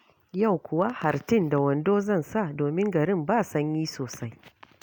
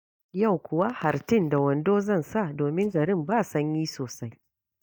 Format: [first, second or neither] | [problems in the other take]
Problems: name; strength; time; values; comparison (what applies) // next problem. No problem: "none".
first | noise reduction (neural mask model DeepFilterNet 3)